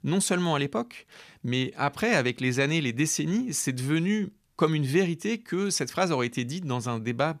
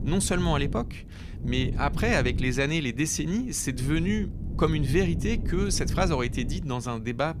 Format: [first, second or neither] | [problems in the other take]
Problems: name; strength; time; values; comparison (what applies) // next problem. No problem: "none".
first | wind noise on the microphone; occasional gusts; 15 dB below the speech